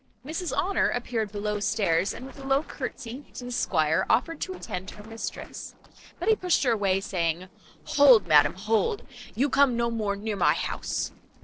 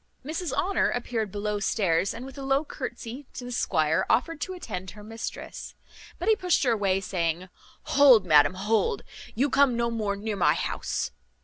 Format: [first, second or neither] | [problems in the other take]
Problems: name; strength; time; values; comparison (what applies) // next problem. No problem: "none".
second | noise reduction (neural separator model SepFormer DNS4)